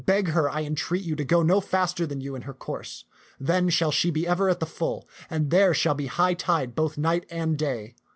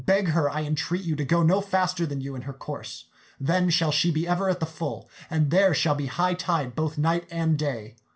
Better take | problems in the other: first | room echo; dies away in 0.3 s

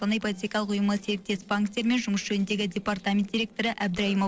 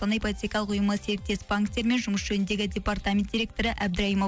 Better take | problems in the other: second | noise reduction (neural separator model SepFormer DNS4)

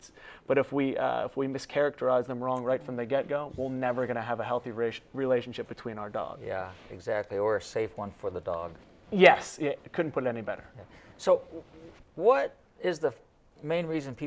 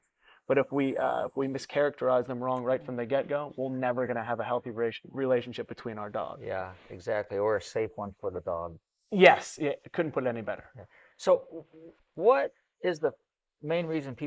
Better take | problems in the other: first | noise reduction (neural mask model Resemble Enhance denoiser)

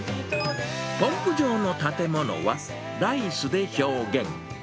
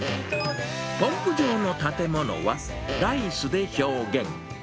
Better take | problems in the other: first | background sound (Animal + Fart); 11 dB below the speech

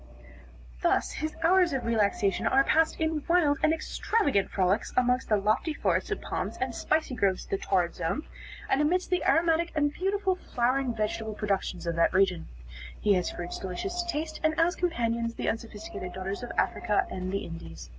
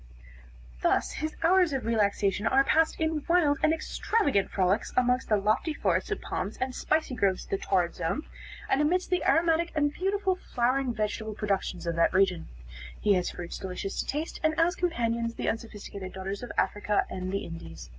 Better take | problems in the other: second | background sound (Wind); 19 dB below the speech

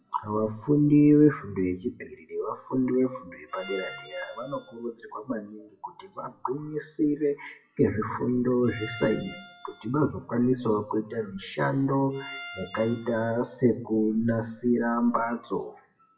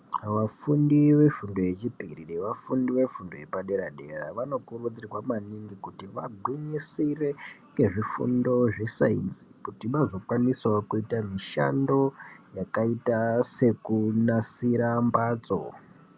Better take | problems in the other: second | noise reduction (classical method WPE with log-MMSE)

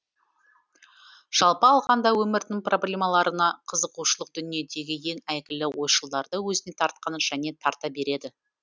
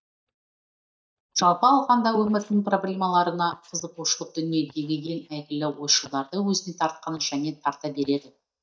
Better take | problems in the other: first | noise reduction (neural mask model DeepFilterNet 3)

